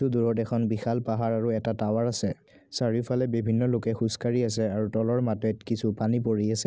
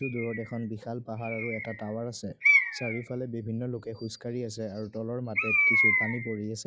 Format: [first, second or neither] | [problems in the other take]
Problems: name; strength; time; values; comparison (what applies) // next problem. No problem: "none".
first | noise reduction (classical method log-MMSE)